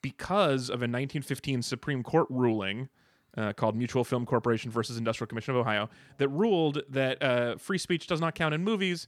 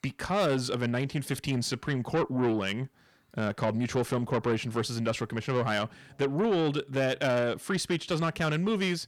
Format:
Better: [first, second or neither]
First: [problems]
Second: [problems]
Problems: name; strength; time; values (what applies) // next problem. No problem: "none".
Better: first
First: none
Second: distortion; slight; 10 dB below the speech